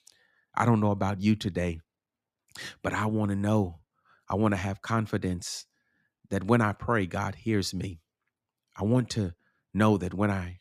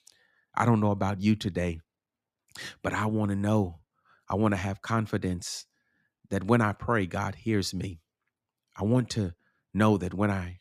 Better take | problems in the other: neither | none

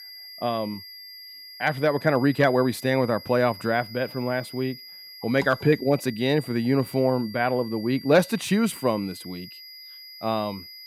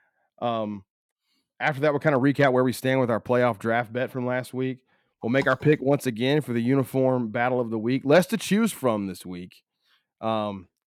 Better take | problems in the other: second | high-pitched whine; noticeable; throughout; 5 kHz, 15 dB below the speech

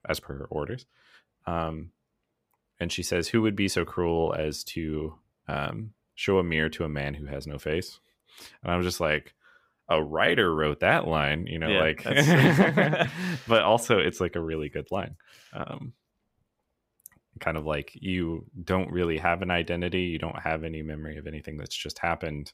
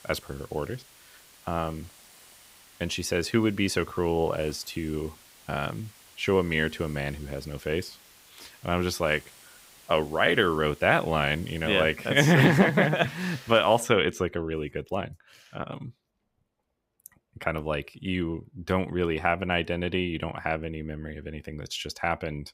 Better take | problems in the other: first | hiss; faint; until 14 s; 25 dB below the speech

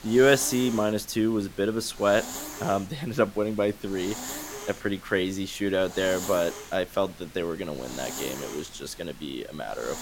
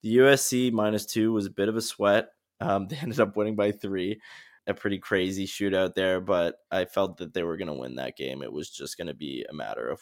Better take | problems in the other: second | hiss; noticeable; throughout; 10 dB below the speech

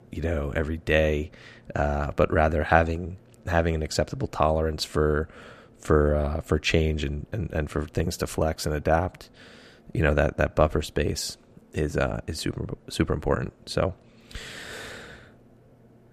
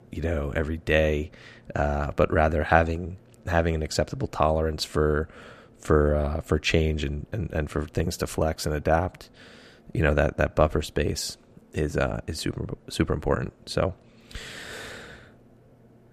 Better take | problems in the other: neither | none

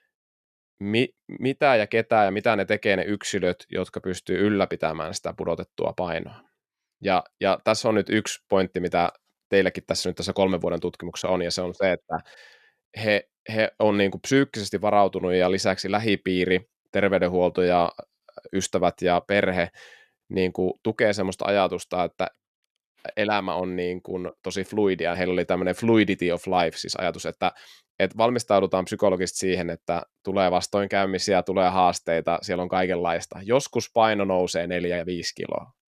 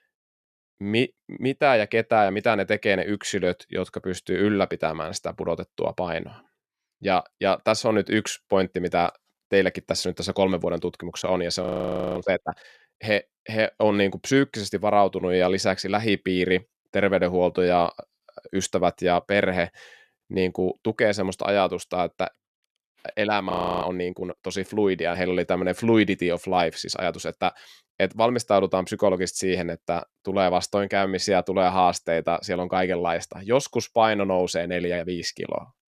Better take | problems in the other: first | audio freezing; at 12 s for 0.5 s and at 24 s

